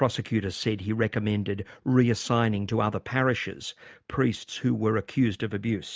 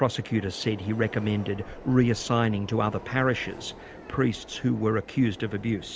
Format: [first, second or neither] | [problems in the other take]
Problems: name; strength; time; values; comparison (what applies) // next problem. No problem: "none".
first | background sound (Subway, metro, underground); 17 dB below the speech